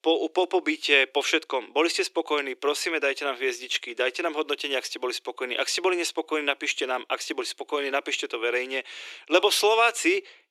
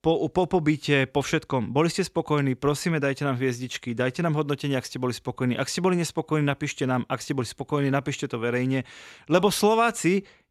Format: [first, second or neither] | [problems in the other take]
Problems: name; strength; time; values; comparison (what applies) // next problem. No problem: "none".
second | thin; very; fading below 350 Hz